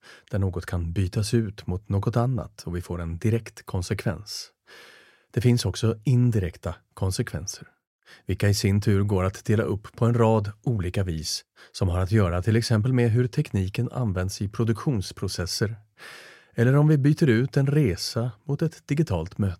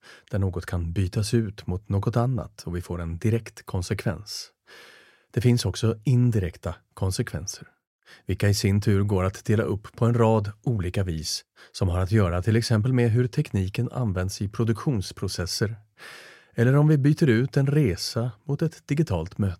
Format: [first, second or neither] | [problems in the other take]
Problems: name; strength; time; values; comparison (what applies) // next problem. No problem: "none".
neither | none